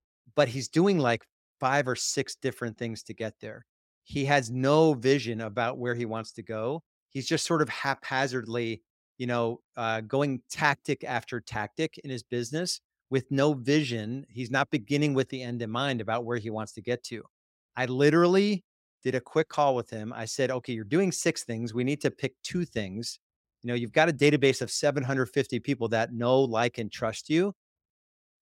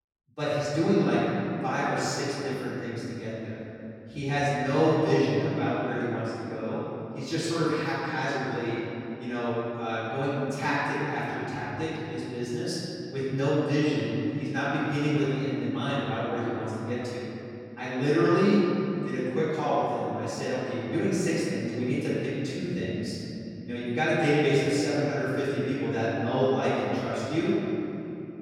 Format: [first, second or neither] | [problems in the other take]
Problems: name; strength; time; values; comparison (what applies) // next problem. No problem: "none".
first | room echo; strong; dies away in 3 s // off-mic speech; far